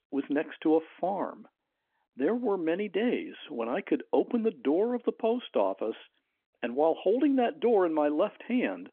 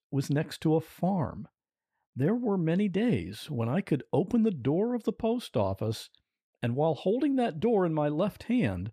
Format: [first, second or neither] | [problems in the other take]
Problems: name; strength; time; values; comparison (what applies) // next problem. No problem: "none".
second | phone-call audio